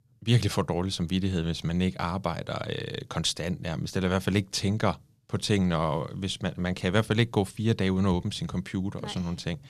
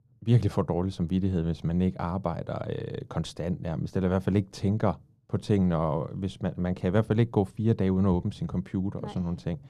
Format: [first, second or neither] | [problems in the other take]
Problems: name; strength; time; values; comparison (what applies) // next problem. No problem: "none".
first | muffled; slightly; fading above 1.5 kHz